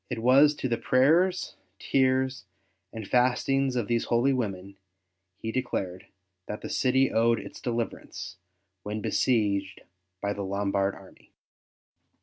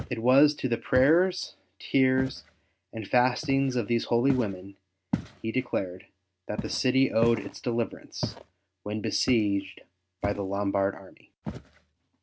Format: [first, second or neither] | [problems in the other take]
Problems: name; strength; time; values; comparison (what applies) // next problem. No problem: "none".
first | background sound (Walk, footsteps); 13 dB below the speech